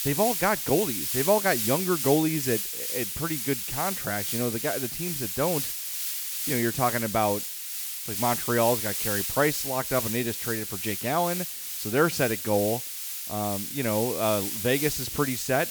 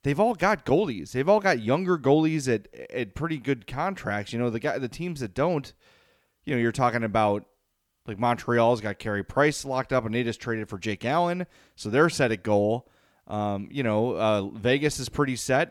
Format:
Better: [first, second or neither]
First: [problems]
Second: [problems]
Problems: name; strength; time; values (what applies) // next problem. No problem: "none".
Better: second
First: hiss; loud; throughout; 2 dB below the speech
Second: none